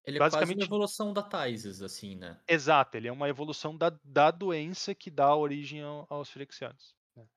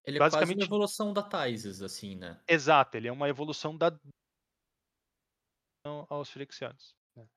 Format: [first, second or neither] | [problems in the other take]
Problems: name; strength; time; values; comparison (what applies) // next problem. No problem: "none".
first | audio cutting out; at 4 s for 1.5 s